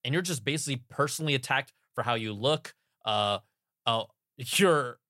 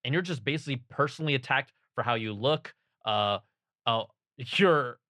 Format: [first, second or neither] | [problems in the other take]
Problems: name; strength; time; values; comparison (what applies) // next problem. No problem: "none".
first | muffled; slightly; fading above 2.5 kHz